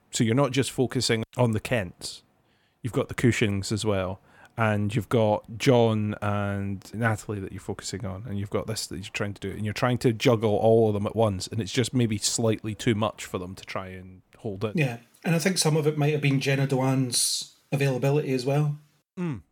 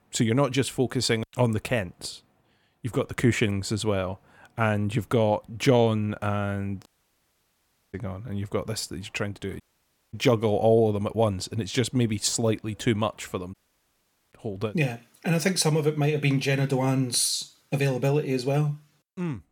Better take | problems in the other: first | audio cutting out; at 7 s for 1 s, at 9.5 s for 0.5 s and at 14 s for 1 s

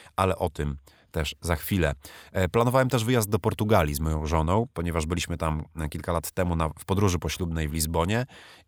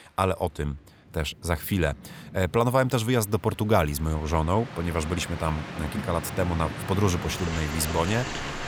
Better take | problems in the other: first | train or aircraft noise; loud; throughout; 9 dB below the speech

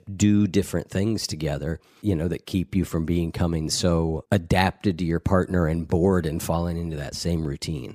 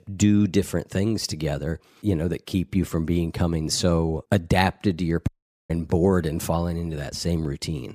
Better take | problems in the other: first | audio cutting out; at 5.5 s

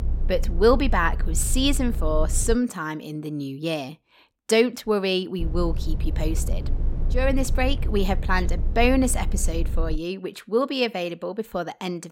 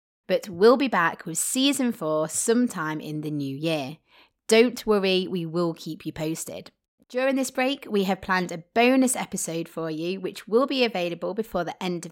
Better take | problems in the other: second | low rumble; noticeable; until 2.5 s and from 5.5 to 10 s; 20 dB below the speech

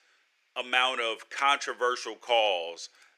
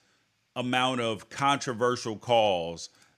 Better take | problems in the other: second | thin; very; fading below 400 Hz

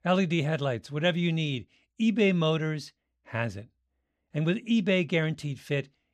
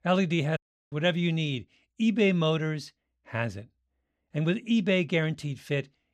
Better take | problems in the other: first | audio cutting out; at 0.5 s

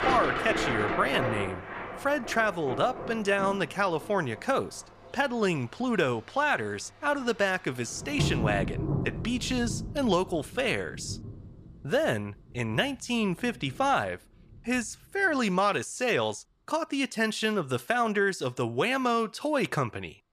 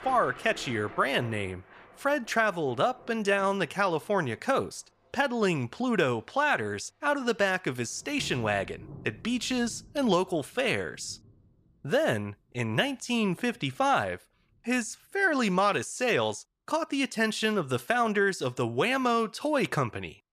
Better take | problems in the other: second | rain or running water; loud; throughout; 5 dB below the speech; faint in the second

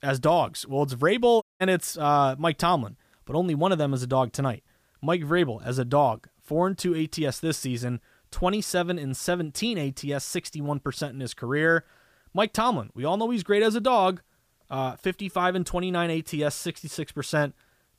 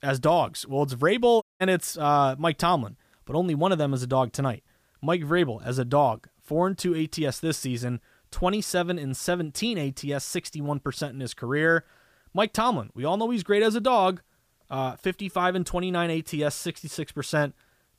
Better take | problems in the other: neither | audio cutting out; at 1.5 s; the same in both

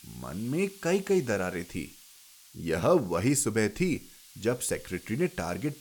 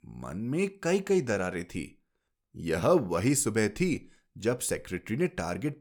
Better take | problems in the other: second | hiss; faint; throughout; 20 dB below the speech

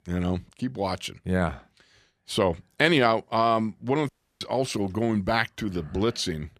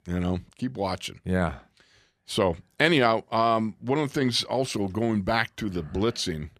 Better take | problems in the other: second | audio cutting out; at 4 s

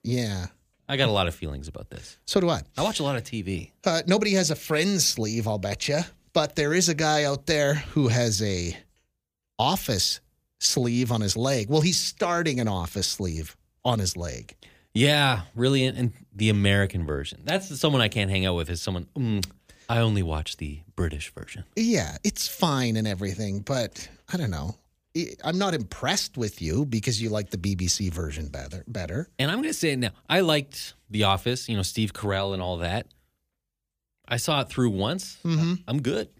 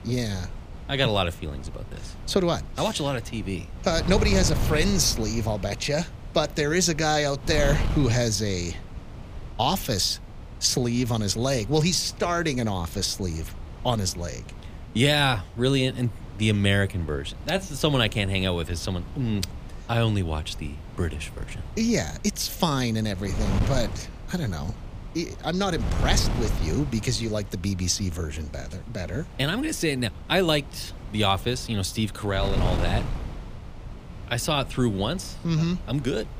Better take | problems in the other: first | wind noise on the microphone; occasional gusts; 15 dB below the speech

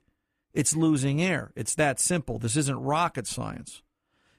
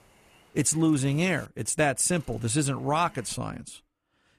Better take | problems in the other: first | hiss; faint; until 1.5 s and from 2 to 3.5 s; 25 dB below the speech

